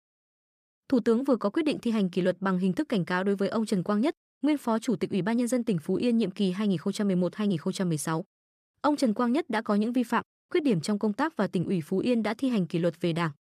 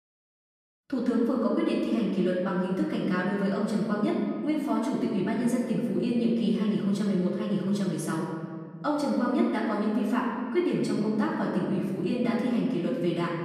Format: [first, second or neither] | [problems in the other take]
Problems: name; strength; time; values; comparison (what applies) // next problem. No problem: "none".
first | off-mic speech; far // room echo; noticeable; dies away in 1.7 s